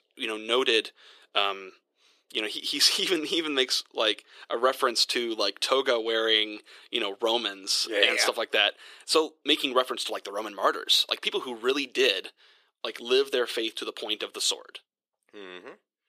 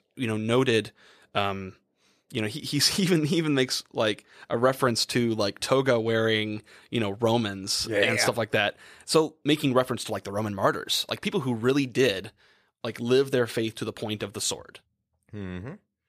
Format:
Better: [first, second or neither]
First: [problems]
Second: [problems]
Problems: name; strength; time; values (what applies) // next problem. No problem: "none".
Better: second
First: thin; somewhat; fading below 350 Hz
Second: none